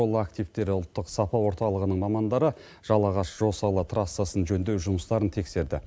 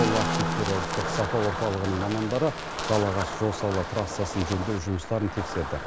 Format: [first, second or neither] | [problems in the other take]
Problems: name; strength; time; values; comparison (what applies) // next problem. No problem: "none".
first | background sound (Wind + Acoustic guitar / Strum); 3 dB below the speech